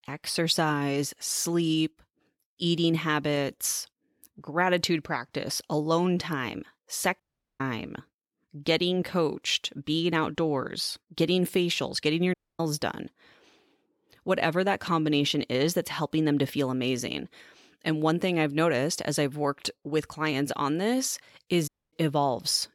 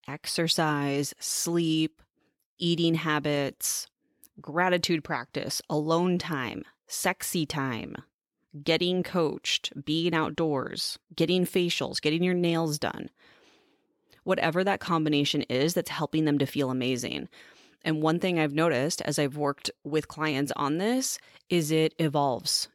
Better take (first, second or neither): second